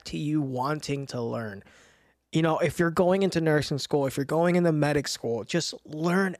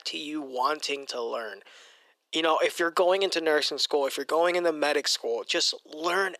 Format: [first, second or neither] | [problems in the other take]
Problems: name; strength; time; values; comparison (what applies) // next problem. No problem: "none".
first | thin; very; fading below 350 Hz